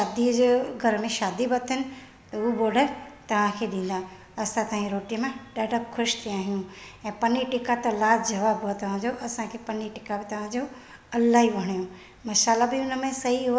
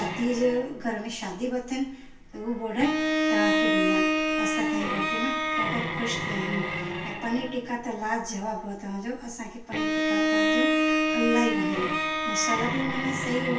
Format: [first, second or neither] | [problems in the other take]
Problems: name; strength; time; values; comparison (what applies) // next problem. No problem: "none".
first | background sound (Bowed string instrument); 3 dB above the speech // room echo; dies away in 0.2 s